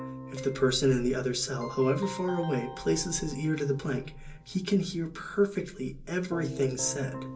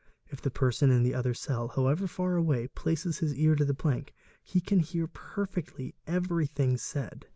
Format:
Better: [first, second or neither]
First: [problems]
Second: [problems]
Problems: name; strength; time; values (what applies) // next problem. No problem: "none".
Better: second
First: background sound (Keyboard (musical)); 13 dB below the speech // room echo; dies away in 0.3 s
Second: none